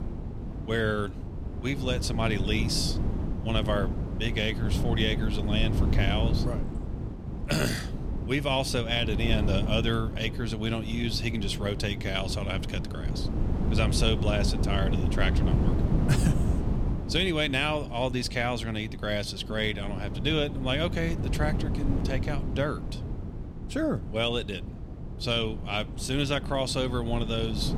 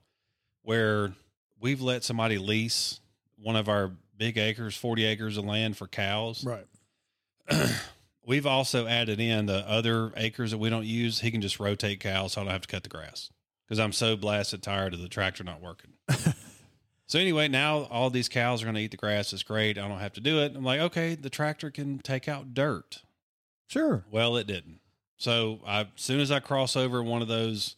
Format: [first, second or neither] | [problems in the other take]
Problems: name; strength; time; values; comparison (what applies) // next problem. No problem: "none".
second | wind noise on the microphone; heavy; 10 dB below the speech